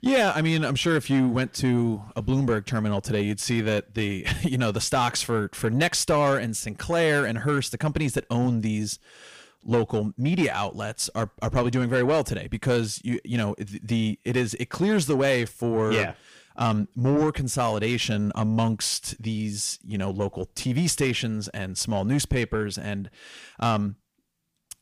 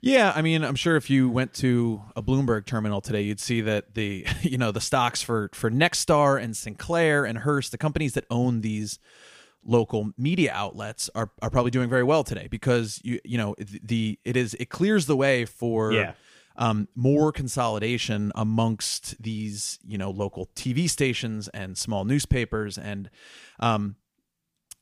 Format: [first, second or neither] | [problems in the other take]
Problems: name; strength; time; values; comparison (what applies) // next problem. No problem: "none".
second | distortion; slight; 10 dB below the speech